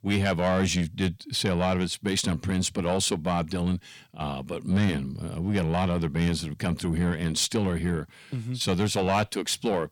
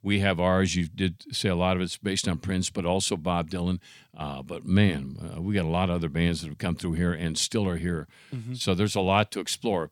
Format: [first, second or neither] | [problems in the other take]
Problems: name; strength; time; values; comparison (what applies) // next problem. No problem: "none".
second | distortion; slight; 10 dB below the speech